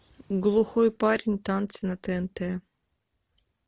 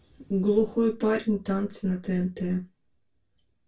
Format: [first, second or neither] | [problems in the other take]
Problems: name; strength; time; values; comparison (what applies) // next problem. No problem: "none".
first | room echo; dies away in 0.2 s